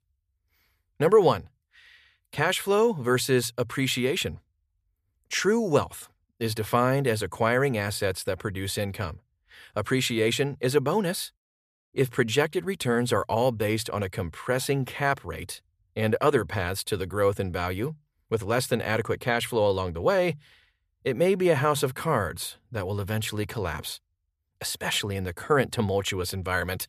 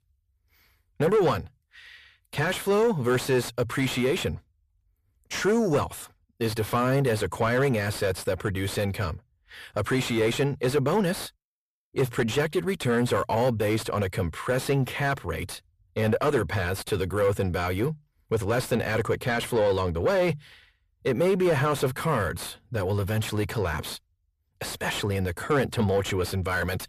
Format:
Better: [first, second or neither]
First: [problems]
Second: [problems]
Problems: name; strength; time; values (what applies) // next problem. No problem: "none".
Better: first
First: none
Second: distortion; heavy; 8 dB below the speech